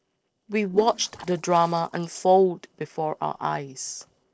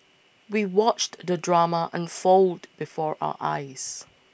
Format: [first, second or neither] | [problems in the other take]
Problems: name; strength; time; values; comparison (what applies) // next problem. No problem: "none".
second | noise reduction (neural separator model SepFormer DNS4)